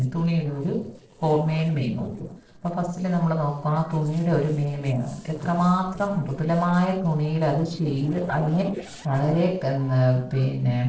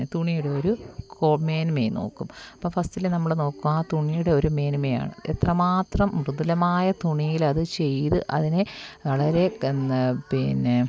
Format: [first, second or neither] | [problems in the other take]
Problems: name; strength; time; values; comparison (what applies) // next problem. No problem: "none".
second | noise reduction (neural separator model SepFormer DNS4)